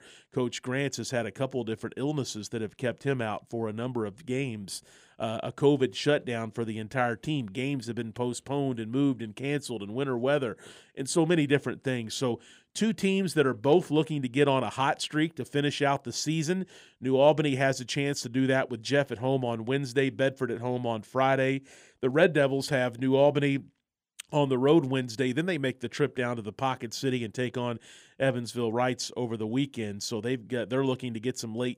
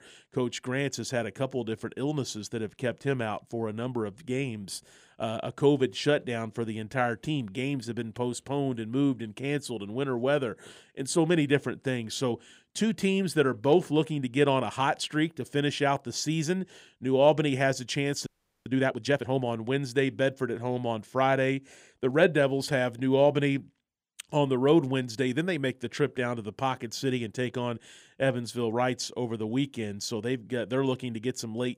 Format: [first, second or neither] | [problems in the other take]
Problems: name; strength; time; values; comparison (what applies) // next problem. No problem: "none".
first | audio freezing; at 18 s